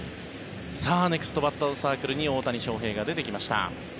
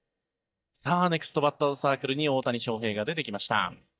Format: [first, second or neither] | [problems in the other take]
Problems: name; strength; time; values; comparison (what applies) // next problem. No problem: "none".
first | noise reduction (neural mask model DeepFilterNet 3)